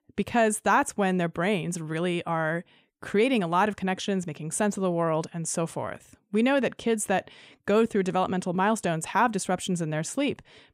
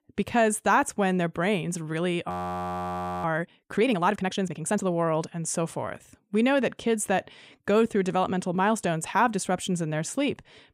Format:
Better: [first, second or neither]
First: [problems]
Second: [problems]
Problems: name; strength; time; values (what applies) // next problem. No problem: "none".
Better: first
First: none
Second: audio freezing; at 2.5 s for 1 s